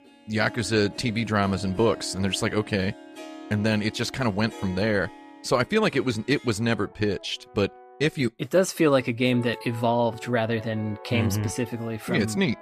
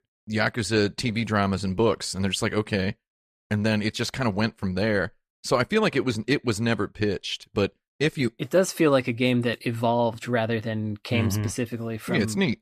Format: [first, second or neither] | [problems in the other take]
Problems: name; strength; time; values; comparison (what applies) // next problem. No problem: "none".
second | background music; noticeable; throughout; 20 dB below the speech